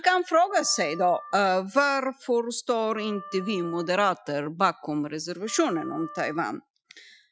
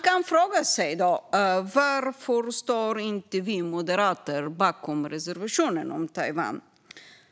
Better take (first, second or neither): second